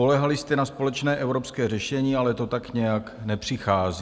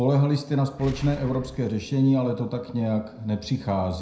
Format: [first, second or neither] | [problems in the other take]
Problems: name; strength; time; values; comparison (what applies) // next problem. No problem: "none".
first | background sound (Boom); 18 dB below the speech // room echo; dies away in 0.4 s